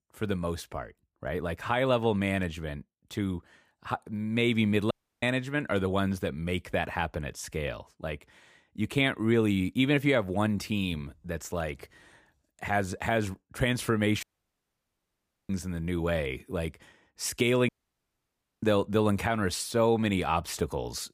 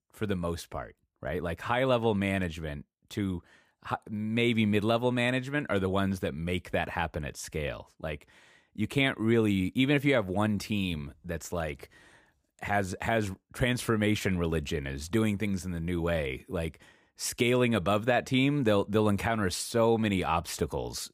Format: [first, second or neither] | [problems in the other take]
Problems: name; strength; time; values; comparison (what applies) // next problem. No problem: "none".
second | audio cutting out; at 5 s, at 14 s for 1.5 s and at 18 s for 1 s